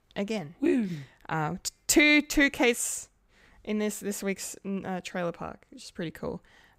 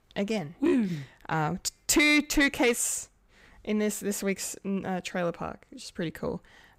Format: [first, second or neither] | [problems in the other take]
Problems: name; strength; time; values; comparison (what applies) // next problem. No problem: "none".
first | distortion; slight; 10 dB below the speech